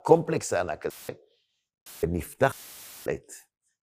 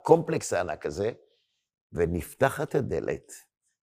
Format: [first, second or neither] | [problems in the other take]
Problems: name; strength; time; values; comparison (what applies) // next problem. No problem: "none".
second | audio cutting out; filled with static; at 1 s, at 2 s and at 2.5 s for 0.5 s